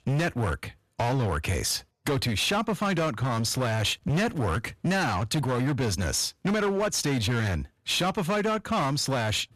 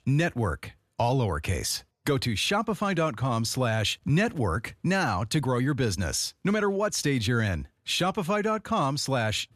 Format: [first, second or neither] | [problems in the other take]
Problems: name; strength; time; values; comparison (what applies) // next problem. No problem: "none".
second | distortion; slight; 20% of the sound clipped